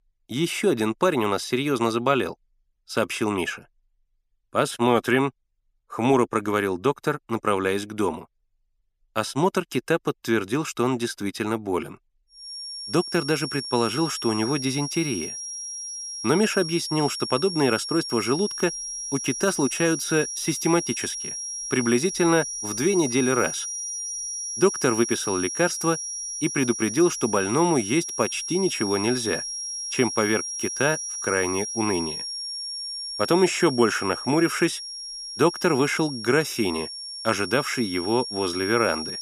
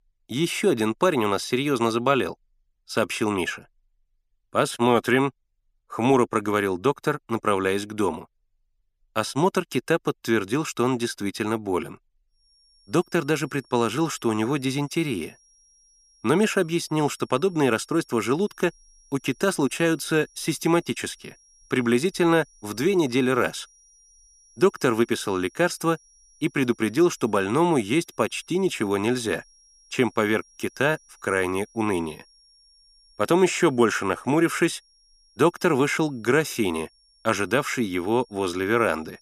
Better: second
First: high-pitched whine; loud; from 12 s on; 5.5 kHz, 6 dB below the speech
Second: high-pitched whine; faint; from 12 s on; 5.5 kHz, 30 dB below the speech

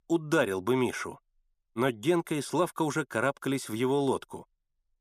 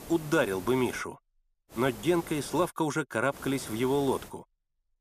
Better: first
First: none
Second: hiss; noticeable; until 1 s, at 1.5 s and at 3.5 s; 15 dB below the speech

